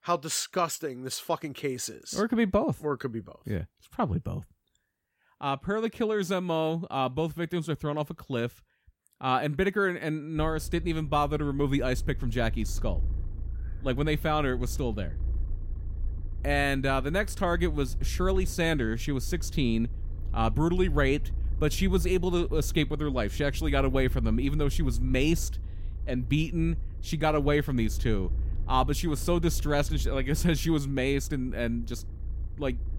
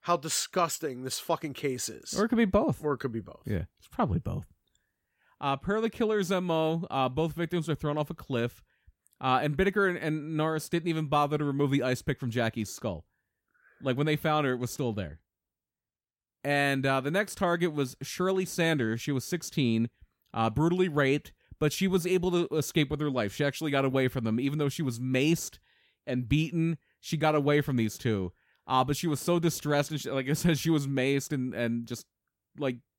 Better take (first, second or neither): second